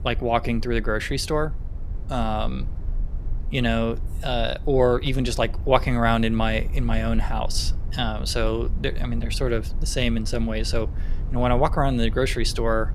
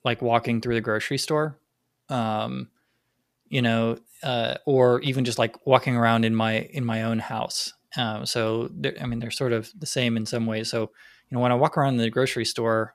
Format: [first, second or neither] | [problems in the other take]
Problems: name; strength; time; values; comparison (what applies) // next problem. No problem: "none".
second | low rumble; faint; throughout; 20 dB below the speech